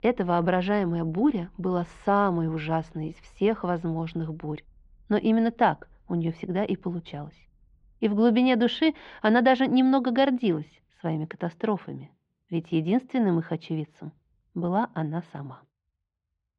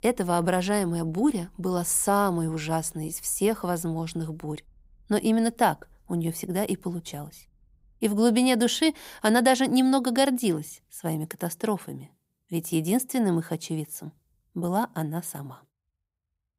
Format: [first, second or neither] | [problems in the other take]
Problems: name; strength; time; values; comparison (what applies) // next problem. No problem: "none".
second | muffled; very; fading above 3 kHz